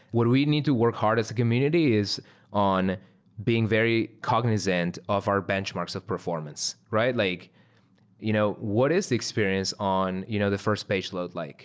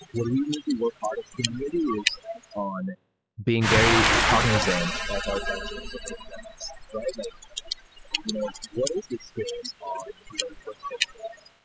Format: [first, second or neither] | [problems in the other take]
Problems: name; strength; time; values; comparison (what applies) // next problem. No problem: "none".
first | noise reduction (classical method spectral subtraction)